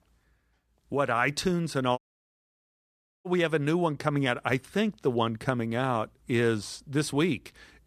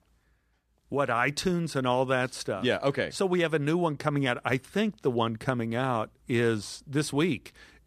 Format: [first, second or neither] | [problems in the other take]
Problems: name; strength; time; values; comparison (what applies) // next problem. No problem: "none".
second | audio cutting out; at 2 s for 1.5 s